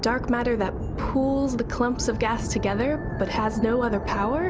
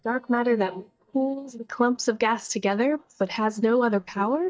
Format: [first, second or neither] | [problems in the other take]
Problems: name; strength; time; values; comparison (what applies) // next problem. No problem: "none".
first | noise reduction (neural mask model DeepFilterNet 3)